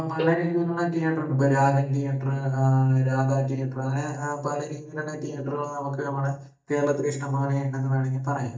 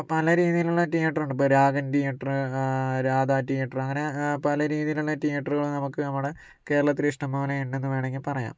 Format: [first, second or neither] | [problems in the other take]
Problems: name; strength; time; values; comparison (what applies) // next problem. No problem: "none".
second | noise reduction (neural mask model DeepFilterNet 3)